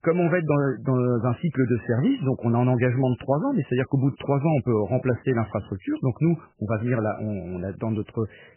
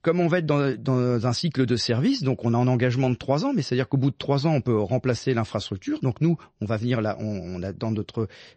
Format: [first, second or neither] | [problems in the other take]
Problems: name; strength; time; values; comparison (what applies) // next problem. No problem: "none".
second | garbled, watery; badly; nothing above 3 kHz; slightly in the second